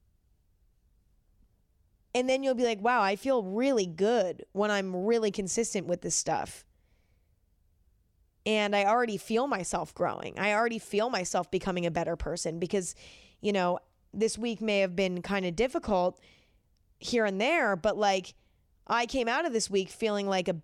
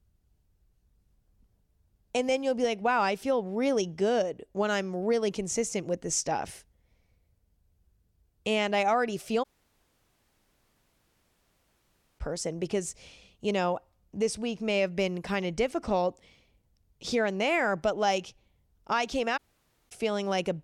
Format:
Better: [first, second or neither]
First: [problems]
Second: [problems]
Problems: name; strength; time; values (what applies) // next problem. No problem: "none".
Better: first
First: none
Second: audio cutting out; at 9.5 s for 3 s and at 19 s for 0.5 s